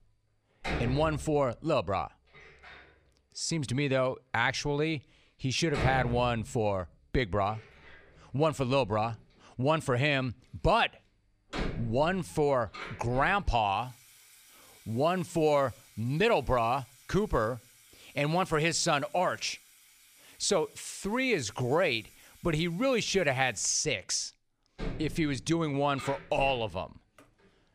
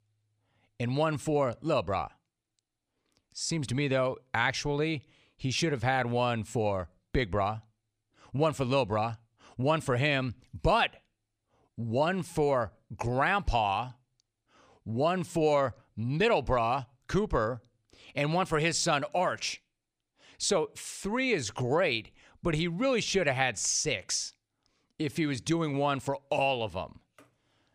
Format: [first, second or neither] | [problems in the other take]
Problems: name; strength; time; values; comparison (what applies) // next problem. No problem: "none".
second | household noises; noticeable; throughout; 15 dB below the speech